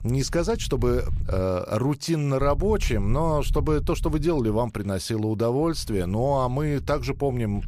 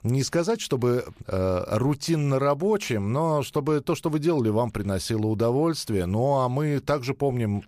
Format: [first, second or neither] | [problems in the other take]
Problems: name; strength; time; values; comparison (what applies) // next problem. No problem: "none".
second | low rumble; faint; until 1.5 s, from 2.5 to 4.5 s and from 5.5 s on; 25 dB below the speech